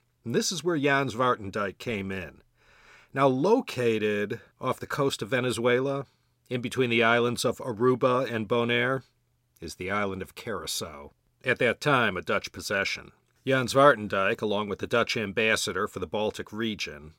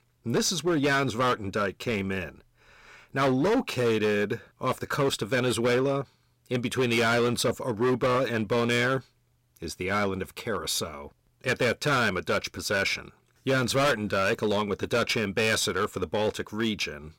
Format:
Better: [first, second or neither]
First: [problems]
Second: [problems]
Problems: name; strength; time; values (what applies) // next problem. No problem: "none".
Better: first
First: none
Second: distortion; heavy; 11% of the sound clipped